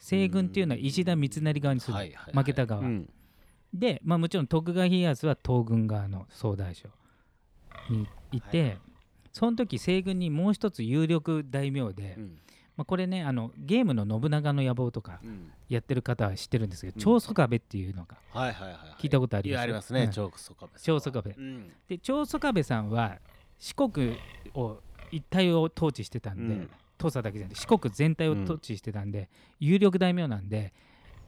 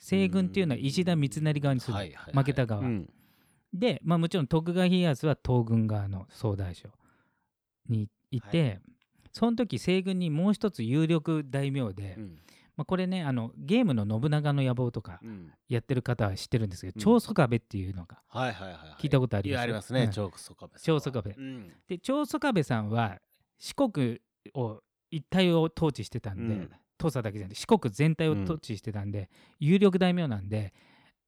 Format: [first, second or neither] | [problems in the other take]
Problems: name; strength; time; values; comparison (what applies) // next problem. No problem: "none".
second | wind noise on the microphone; occasional gusts; 25 dB below the speech